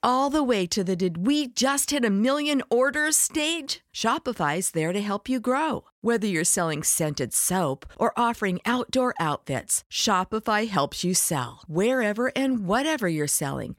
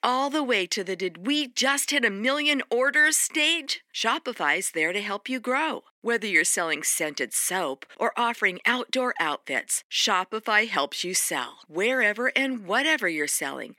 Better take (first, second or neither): first